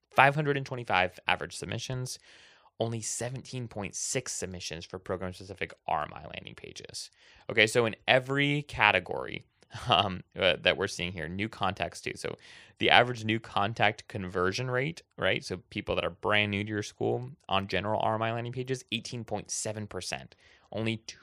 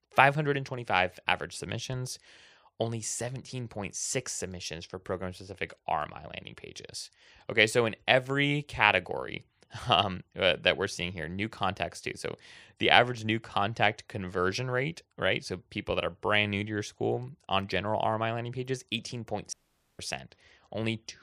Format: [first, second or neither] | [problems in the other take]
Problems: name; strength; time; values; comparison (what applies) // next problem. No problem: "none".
first | audio cutting out; at 20 s